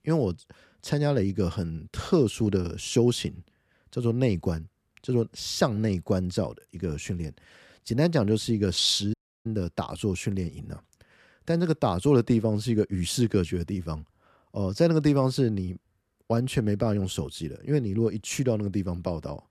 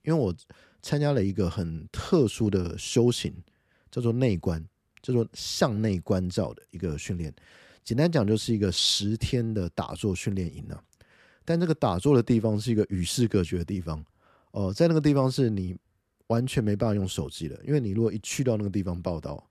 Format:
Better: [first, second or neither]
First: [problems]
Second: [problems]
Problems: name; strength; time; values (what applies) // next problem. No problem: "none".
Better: second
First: audio cutting out; at 9 s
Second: none